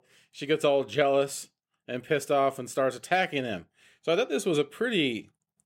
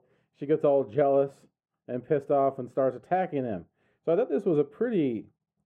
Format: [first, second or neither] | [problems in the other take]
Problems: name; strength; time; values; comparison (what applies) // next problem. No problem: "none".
first | muffled; very; fading above 2 kHz